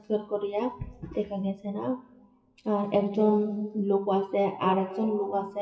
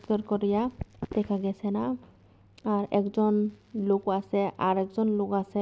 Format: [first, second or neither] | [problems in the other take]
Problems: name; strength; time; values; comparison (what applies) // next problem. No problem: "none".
second | noise reduction (classical method WPE with log-MMSE)